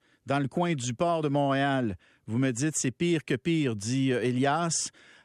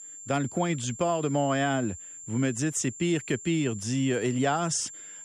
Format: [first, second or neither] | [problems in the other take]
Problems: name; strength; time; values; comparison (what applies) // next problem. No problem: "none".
first | high-pitched whine; noticeable; throughout; 7.5 kHz, 15 dB below the speech